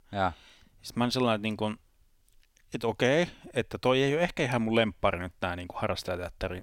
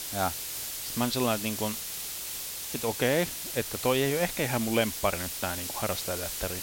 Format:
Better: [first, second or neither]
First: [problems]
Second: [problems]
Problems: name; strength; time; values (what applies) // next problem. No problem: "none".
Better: first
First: none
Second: hiss; loud; throughout; 3 dB below the speech